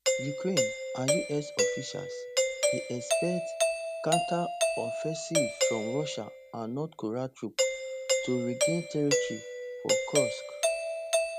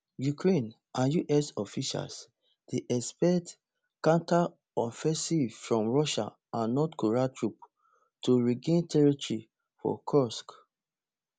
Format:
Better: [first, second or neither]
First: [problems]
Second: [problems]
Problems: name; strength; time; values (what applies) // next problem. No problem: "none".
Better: second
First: background sound (Doorbell); 4 dB above the speech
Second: none